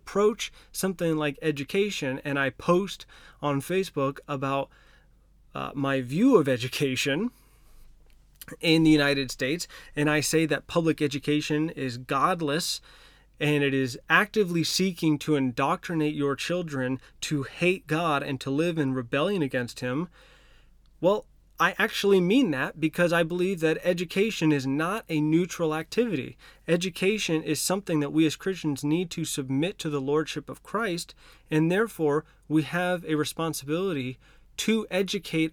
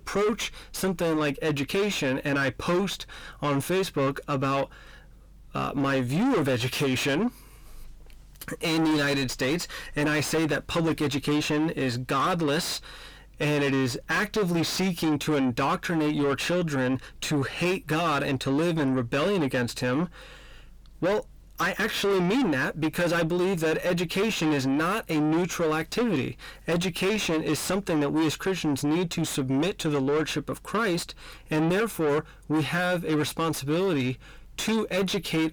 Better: first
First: none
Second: distortion; heavy; 5 dB below the speech

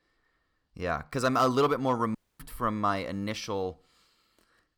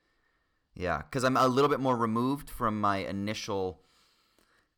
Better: second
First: audio cutting out; at 2 s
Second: none

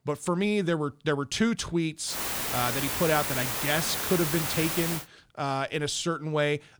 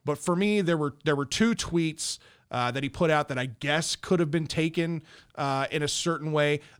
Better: second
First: hiss; loud; from 2 to 5 s; as loud as the speech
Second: none

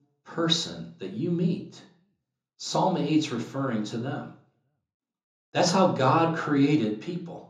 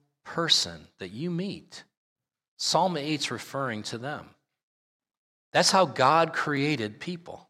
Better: second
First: room echo; slight; dies away in 0.5 s // off-mic speech; far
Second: none

